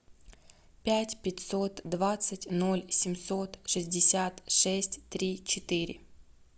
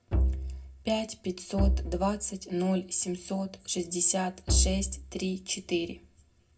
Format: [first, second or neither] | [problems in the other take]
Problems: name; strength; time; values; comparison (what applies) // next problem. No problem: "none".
first | background sound (Bowed string instrument); 1 dB above the speech // room echo; dies away in 0.2 s